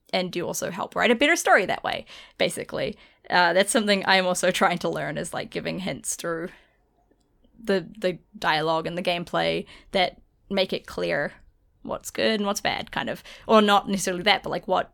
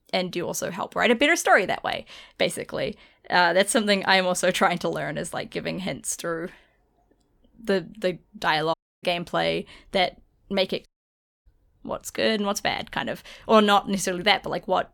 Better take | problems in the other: first | audio cutting out; at 8.5 s and at 11 s for 0.5 s

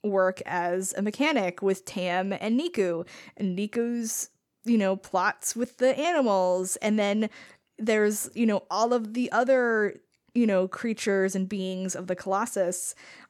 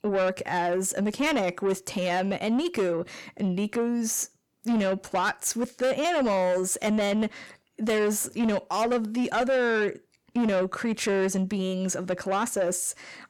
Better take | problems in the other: first | distortion; slight; 10 dB below the speech

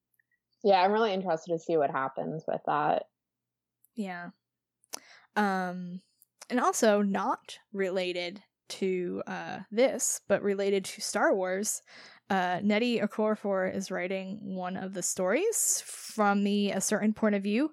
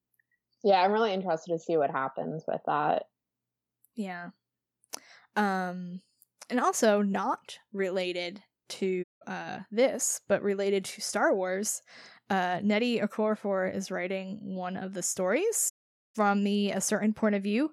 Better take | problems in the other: first | audio cutting out; at 9 s and at 16 s

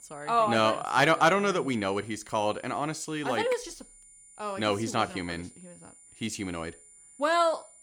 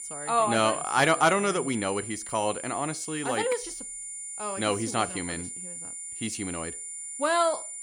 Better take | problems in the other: first | high-pitched whine; loud; throughout; 9.5 kHz, 8 dB below the speech; faint in the first

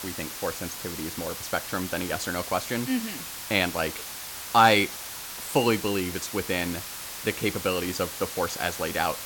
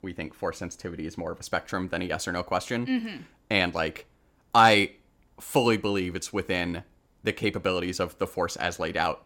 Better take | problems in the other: second | hiss; loud; throughout; 7 dB below the speech

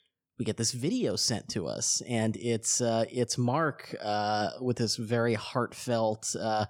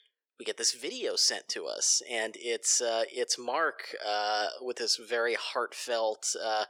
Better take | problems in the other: first | thin; very; fading below 400 Hz

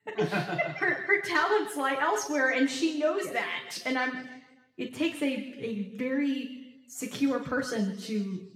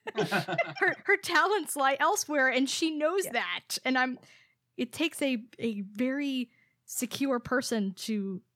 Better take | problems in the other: second | room echo; noticeable; dies away in 0.9 s // off-mic speech; far

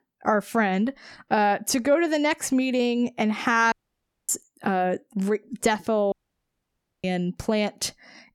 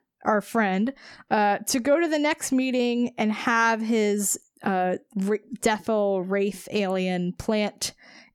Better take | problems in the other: second | audio cutting out; at 3.5 s for 0.5 s and at 6 s for 1 s

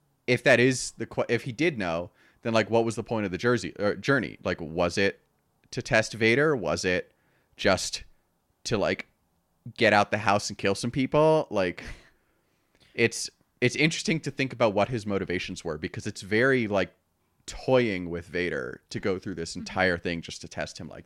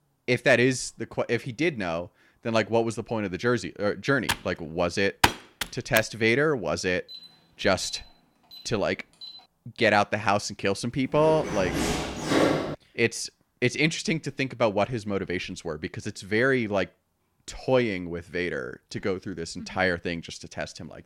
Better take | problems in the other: first | keyboard typing; loud; from 4.5 to 6 s; peak 3 dB above the speech // alarm; faint; from 7 to 9.5 s; peak 10 dB below the speech // door banging; loud; from 11 to 13 s; peak 4 dB above the speech

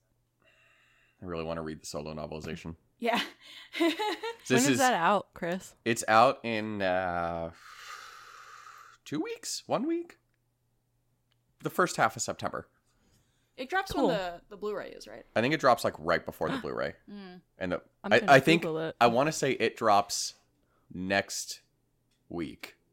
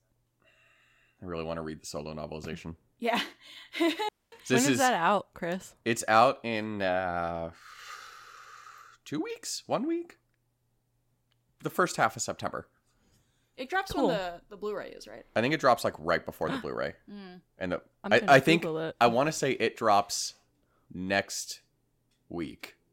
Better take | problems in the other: first | audio cutting out; at 4 s

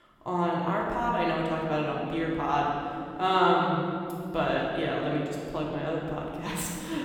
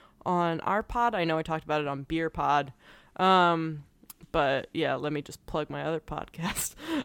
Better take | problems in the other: second | room echo; noticeable; dies away in 2.9 s // off-mic speech; far

